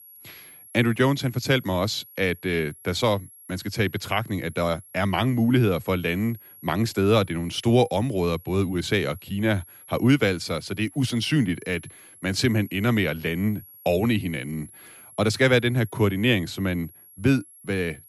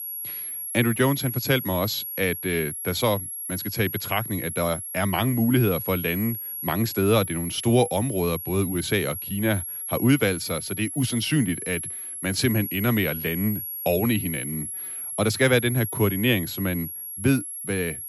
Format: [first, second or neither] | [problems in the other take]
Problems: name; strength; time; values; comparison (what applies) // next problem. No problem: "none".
first | high-pitched whine; loud; throughout; 11 kHz, 6 dB below the speech; faint in the first